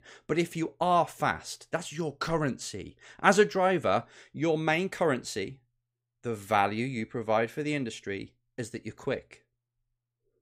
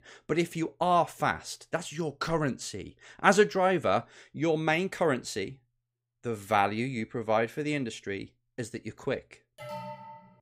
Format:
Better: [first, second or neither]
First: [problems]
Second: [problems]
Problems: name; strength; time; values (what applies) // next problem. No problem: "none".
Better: first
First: none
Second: alarm; faint; at 9.5 s; peak 10 dB below the speech